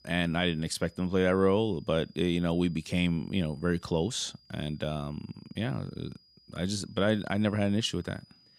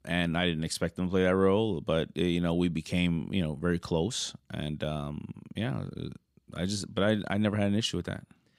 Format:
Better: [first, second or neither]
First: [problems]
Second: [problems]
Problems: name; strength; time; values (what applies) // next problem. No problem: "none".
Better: second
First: high-pitched whine; faint; throughout; 5 kHz, 30 dB below the speech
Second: none